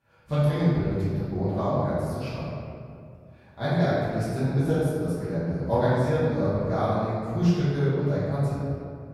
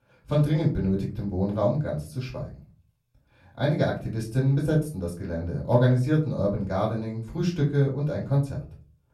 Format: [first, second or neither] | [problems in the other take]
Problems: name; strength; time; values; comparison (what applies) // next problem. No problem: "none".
second | room echo; strong; dies away in 2.2 s; slight in the second // off-mic speech; far; far in the second